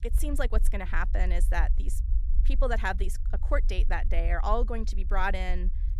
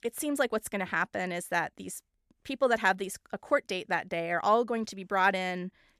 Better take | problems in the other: second | low rumble; faint; throughout; 20 dB below the speech

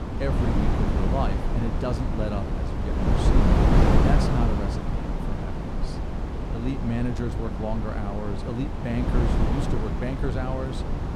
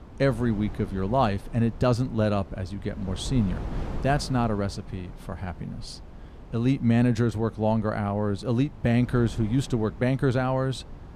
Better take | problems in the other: second | wind noise on the microphone; heavy; 2 dB above the speech; occasional gusts in the second

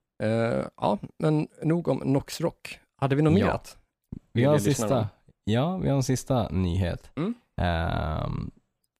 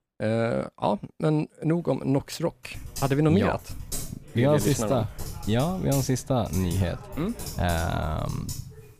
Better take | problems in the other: first | keyboard typing; noticeable; from 2.5 s on; peak 8 dB below the speech

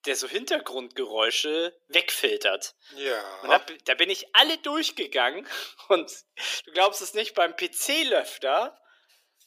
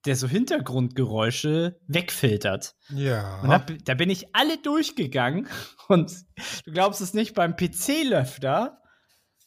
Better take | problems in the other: second | thin; very; fading below 350 Hz

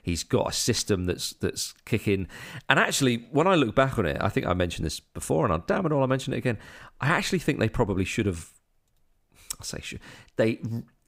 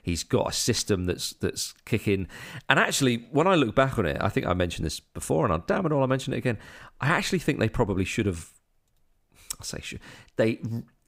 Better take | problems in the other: neither | none

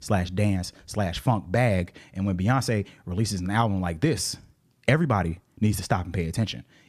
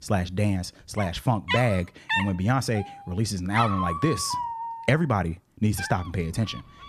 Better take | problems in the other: first | animal sounds; loud; throughout; 4 dB below the speech

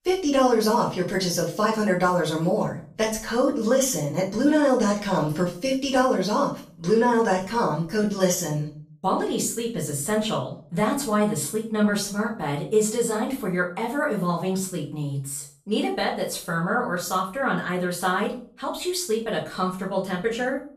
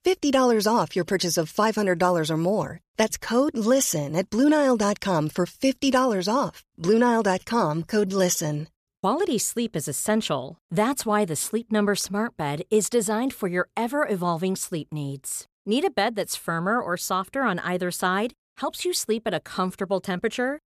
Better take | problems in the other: second | room echo; slight; dies away in 0.4 s // off-mic speech; far

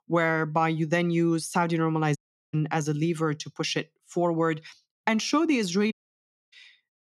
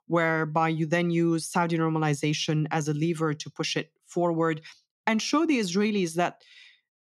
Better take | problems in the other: second | audio cutting out; at 2 s and at 6 s for 0.5 s

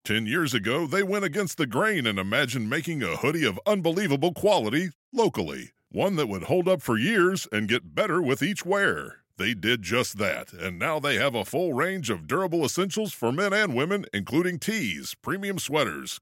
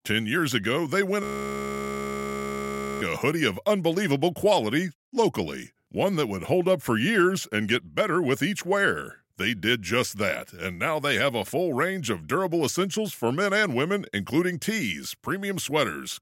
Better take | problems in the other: first | audio freezing; at 1 s for 2 s

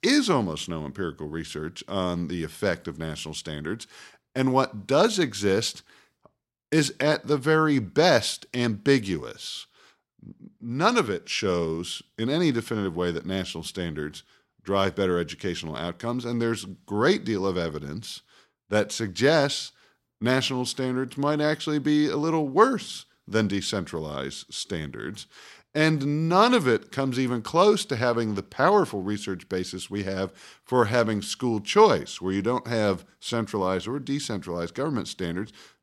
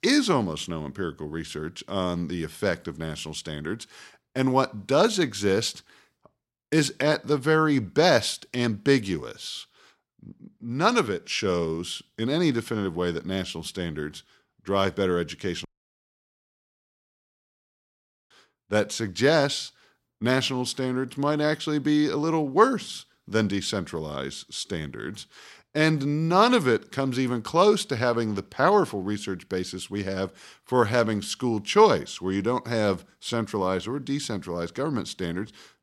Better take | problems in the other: first | audio cutting out; at 16 s for 2.5 s

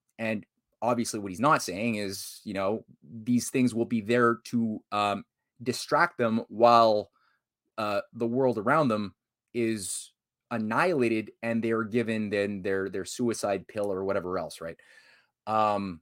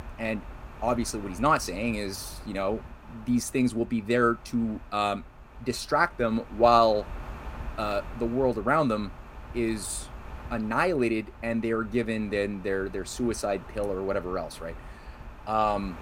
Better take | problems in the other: first | wind noise on the microphone; occasional gusts; 20 dB below the speech

